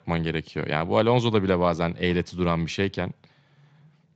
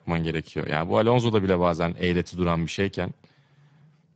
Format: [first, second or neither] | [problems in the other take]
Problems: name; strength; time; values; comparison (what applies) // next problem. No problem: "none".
first | garbled, watery; badly; nothing above 7.5 kHz; slightly in the first